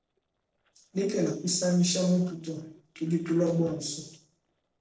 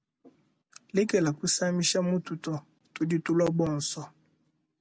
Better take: second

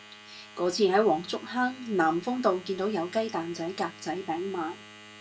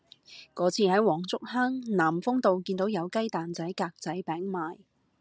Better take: second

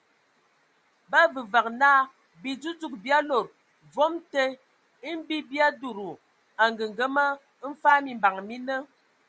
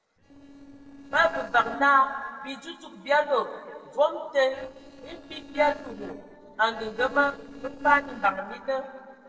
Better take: first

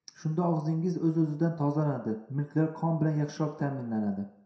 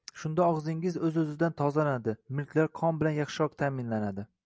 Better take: second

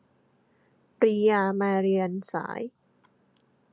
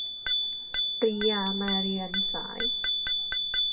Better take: first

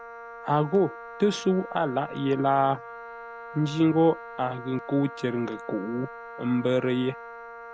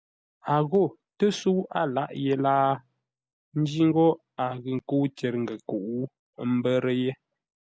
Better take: second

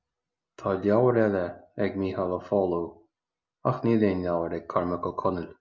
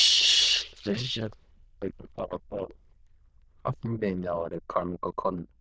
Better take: first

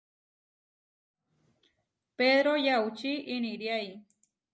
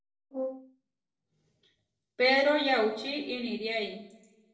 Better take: first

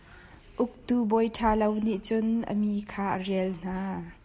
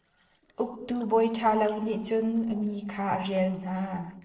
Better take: first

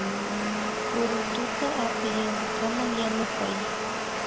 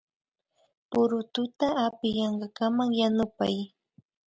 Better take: second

